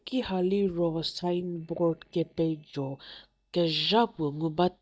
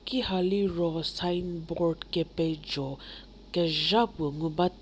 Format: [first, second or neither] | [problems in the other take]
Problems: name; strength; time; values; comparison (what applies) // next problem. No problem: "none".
second | noise reduction (neural mask model DeepFilterNet 3)